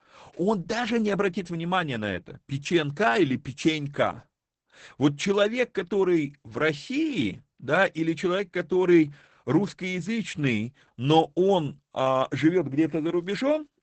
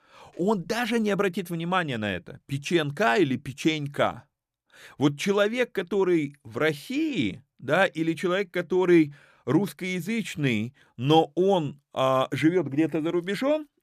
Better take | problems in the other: second | garbled, watery; badly; nothing above 8 kHz

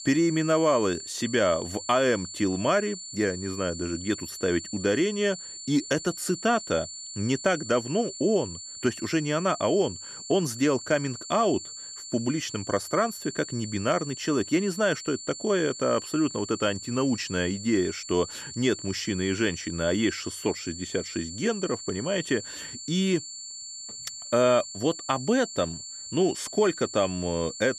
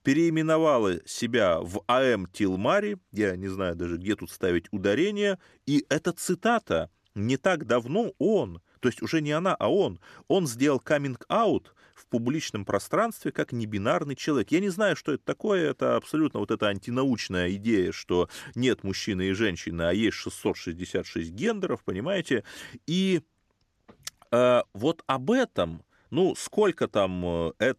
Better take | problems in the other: second | high-pitched whine; noticeable; throughout; 7.5 kHz, 10 dB below the speech

